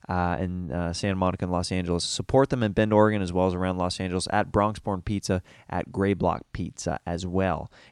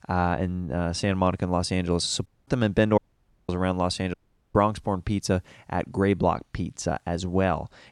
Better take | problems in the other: first | audio cutting out; at 2.5 s, at 3 s for 0.5 s and at 4 s

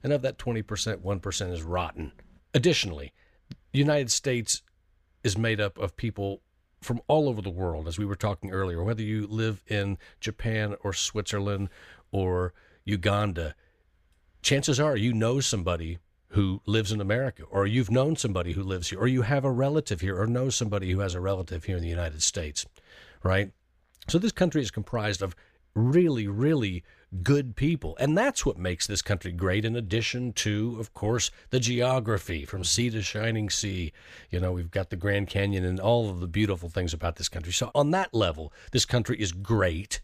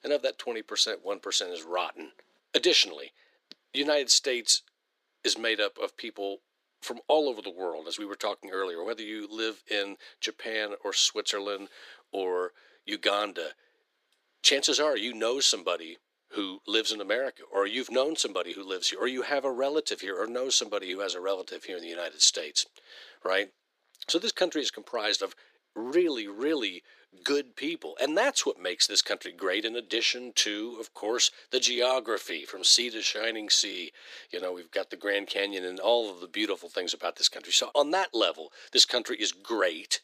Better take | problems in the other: first | thin; very; fading below 300 Hz

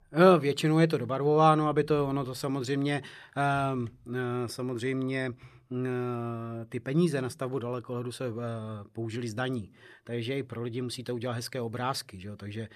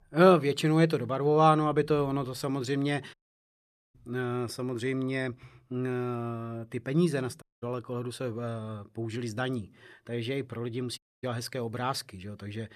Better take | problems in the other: first | audio cutting out; at 3 s for 1 s, at 7.5 s and at 11 s

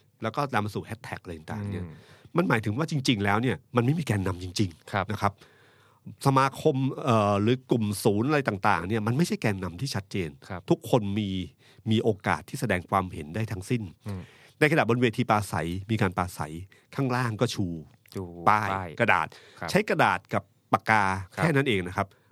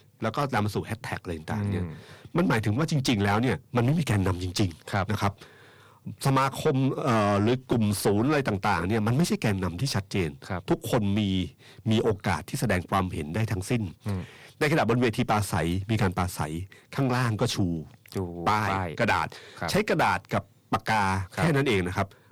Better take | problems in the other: first | distortion; heavy; 6 dB below the speech

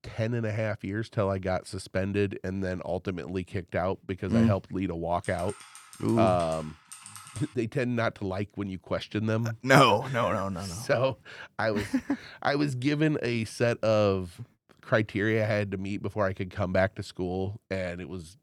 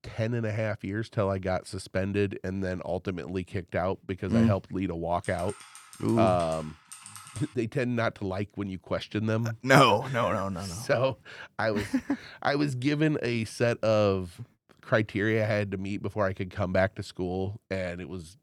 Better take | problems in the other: neither | keyboard typing; faint; from 5 to 7.5 s; peak 15 dB below the speech; the same in both

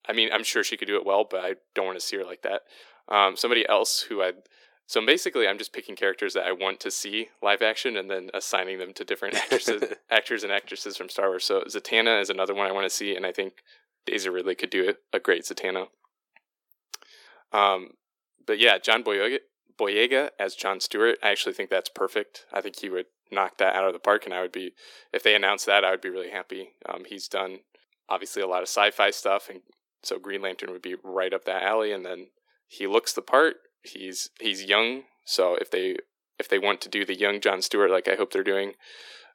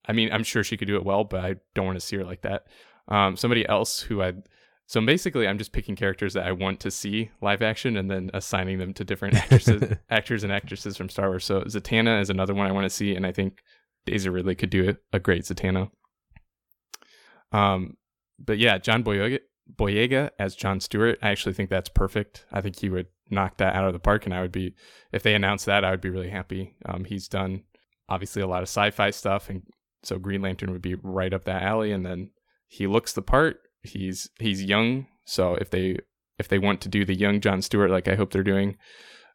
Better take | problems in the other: second | thin; very; fading below 350 Hz

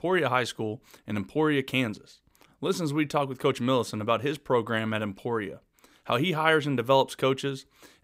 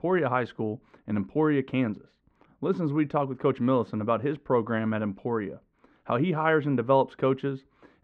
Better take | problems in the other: first | muffled; very; fading above 1.5 kHz

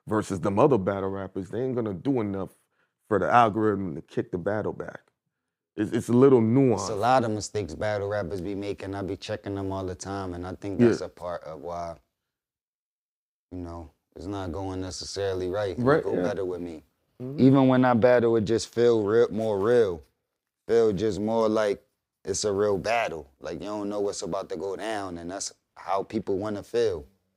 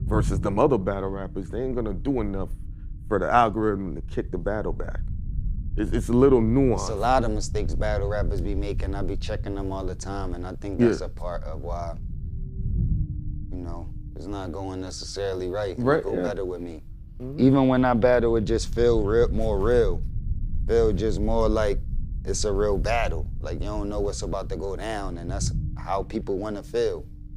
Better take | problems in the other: first | low rumble; faint; throughout; 20 dB below the speech

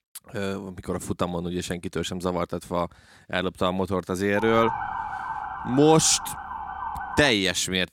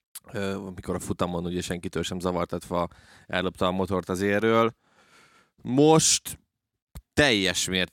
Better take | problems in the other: second | siren; noticeable; from 4.5 to 7.5 s; peak 5 dB below the speech

